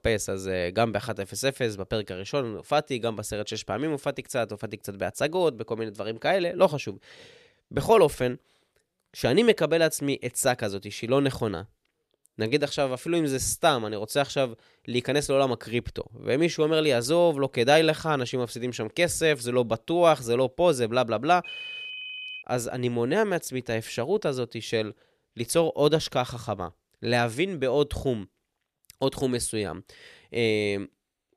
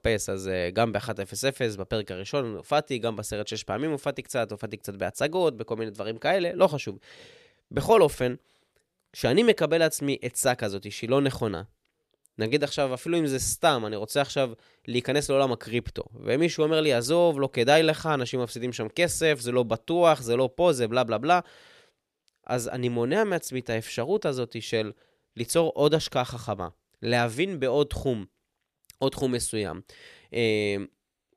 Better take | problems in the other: second | phone ringing; noticeable; at 21 s; peak 8 dB below the speech

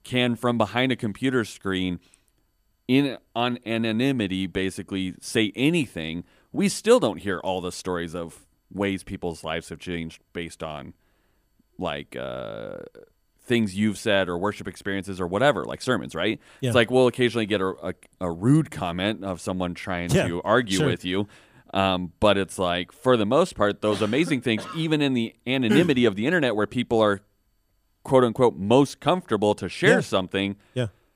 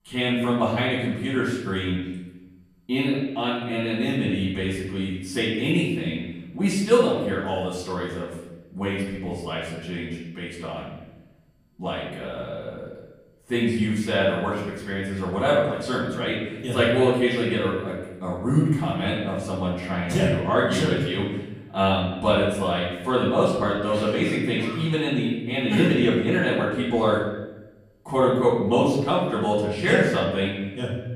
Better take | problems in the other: first | off-mic speech; far // room echo; noticeable; dies away in 1 s

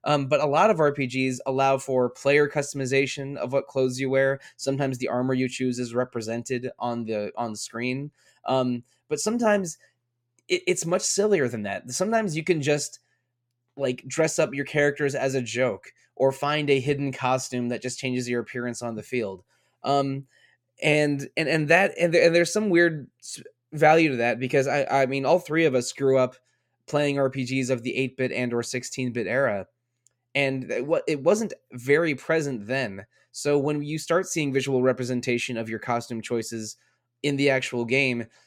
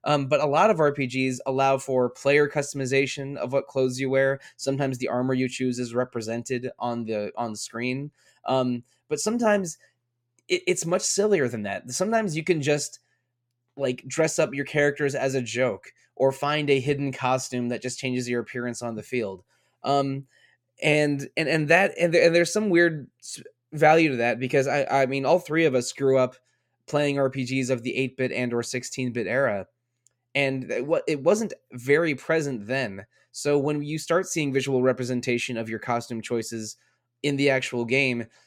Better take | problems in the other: neither | none

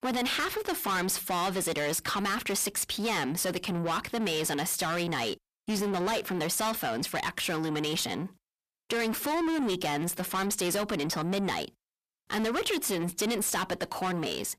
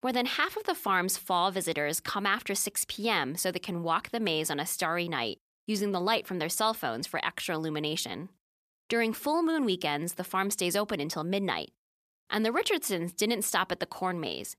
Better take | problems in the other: second | distortion; heavy; 6 dB below the speech

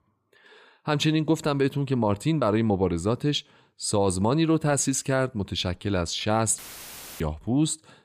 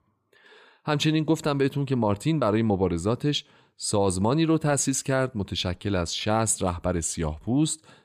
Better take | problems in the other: second | audio cutting out; filled with static; at 6.5 s for 0.5 s

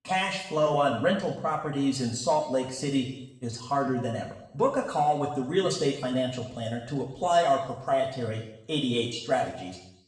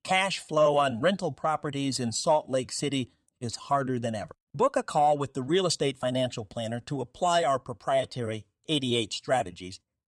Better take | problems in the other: second | room echo; noticeable; dies away in 0.9 s // off-mic speech; far

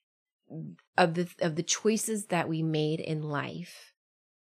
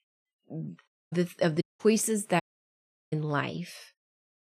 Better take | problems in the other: first | audio cutting out; at 1 s, at 1.5 s and at 2.5 s for 0.5 s

